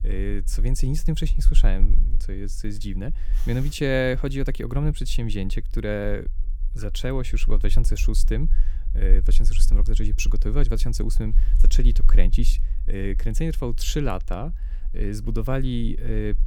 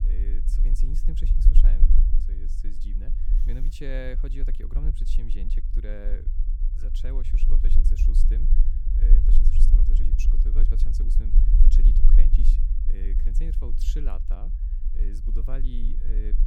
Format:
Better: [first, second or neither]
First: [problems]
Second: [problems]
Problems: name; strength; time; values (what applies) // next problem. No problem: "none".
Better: first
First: low rumble; faint; throughout; 20 dB below the speech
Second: low rumble; loud; throughout; 3 dB below the speech